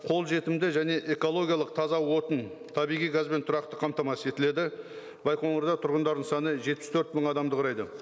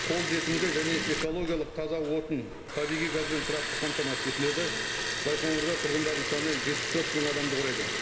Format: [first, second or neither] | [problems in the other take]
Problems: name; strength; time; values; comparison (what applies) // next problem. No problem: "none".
first | background sound (Liquid); 1 dB below the speech // room echo; dies away in 1.7 s